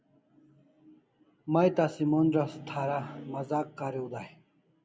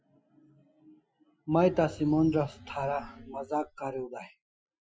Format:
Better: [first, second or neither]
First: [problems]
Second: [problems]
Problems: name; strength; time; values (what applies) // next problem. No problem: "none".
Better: first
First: none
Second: noise reduction (classical method Wiener filter)